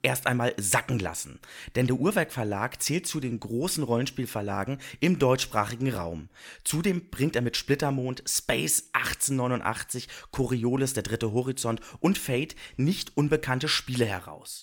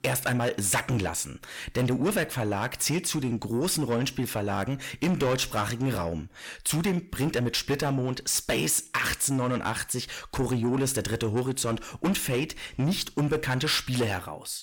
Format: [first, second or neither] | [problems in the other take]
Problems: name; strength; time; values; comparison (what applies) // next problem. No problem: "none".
first | distortion; heavy; 8 dB below the speech